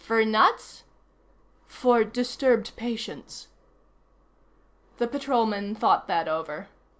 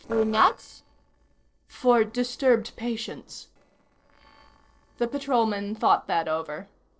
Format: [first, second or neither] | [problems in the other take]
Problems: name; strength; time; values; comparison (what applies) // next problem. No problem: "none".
first | noise reduction (neural separator model SepFormer DNS4)